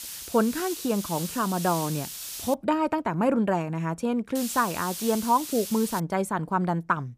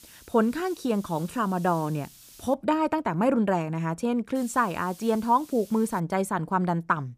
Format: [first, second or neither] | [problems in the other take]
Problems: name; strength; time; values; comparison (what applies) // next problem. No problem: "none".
second | hiss; loud; until 2.5 s and from 4.5 to 6 s; 8 dB below the speech; faint in the second